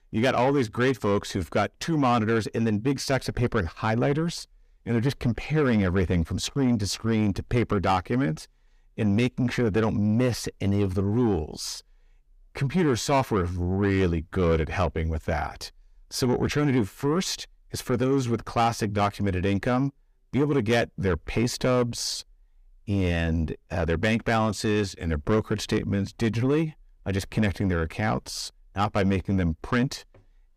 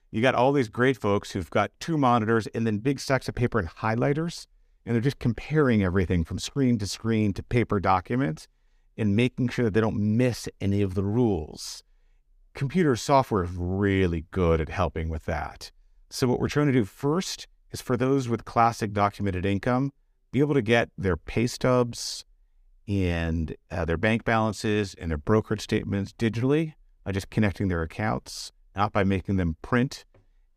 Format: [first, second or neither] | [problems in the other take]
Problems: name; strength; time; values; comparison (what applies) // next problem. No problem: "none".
second | distortion; slight; 10 dB below the speech